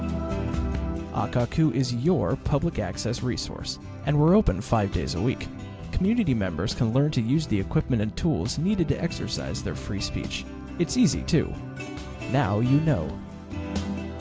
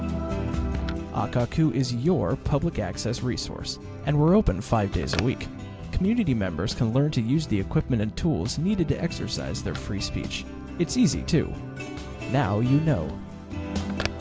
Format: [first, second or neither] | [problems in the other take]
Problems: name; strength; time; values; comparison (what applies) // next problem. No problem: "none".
first | background sound (Telephone); 19 dB below the speech